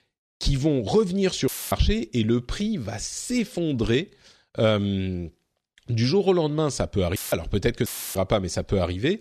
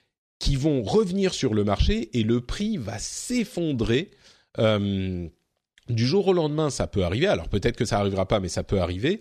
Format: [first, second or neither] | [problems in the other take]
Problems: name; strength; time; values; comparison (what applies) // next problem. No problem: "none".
second | audio cutting out; filled with static; at 1.5 s, at 7 s and at 8 s